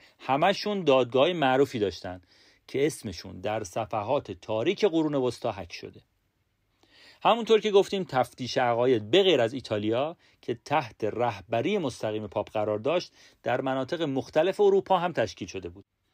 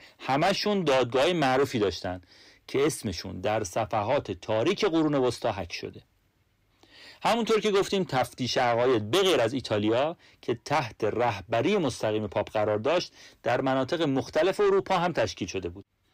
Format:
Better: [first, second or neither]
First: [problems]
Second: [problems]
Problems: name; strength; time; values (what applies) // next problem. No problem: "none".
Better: first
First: none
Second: distortion; heavy; 7 dB below the speech